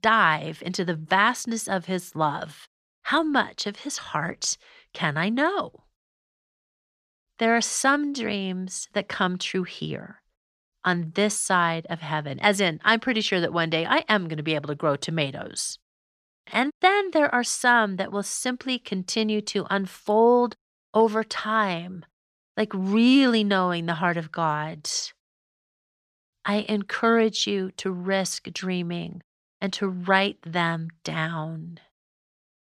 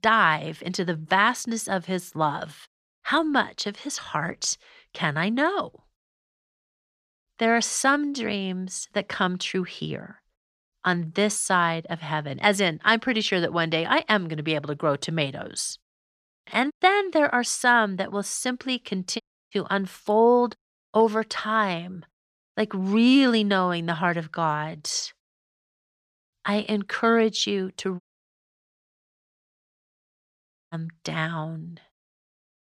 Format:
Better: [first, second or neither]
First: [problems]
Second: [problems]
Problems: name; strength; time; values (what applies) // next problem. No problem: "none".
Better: first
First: none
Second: audio cutting out; at 19 s and at 28 s for 2.5 s